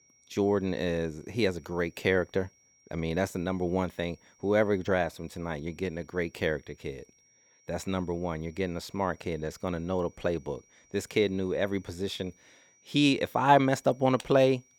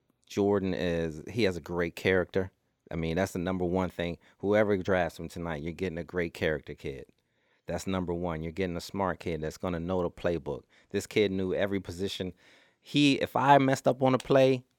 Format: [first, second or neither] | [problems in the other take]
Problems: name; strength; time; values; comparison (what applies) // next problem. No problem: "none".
second | high-pitched whine; faint; throughout; 5.5 kHz, 30 dB below the speech